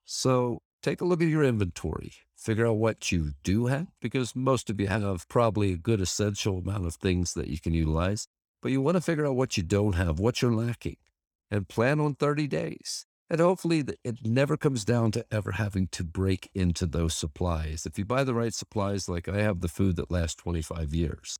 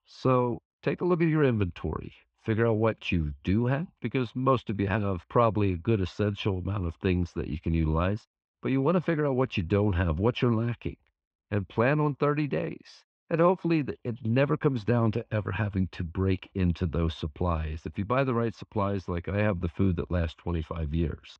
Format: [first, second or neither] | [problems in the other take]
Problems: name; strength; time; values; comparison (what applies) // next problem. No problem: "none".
first | muffled; very; fading above 3 kHz